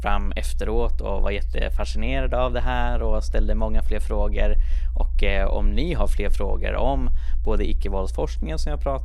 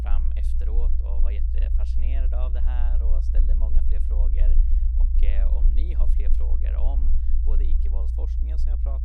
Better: first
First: low rumble; faint; throughout; 25 dB below the speech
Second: low rumble; loud; throughout; 1 dB below the speech

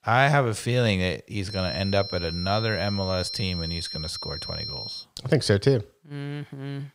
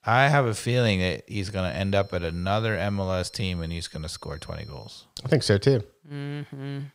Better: second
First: high-pitched whine; loud; from 1.5 to 5 s; 4 kHz, 7 dB below the speech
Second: high-pitched whine; faint; from 1.5 to 5 s; 4 kHz, 25 dB below the speech

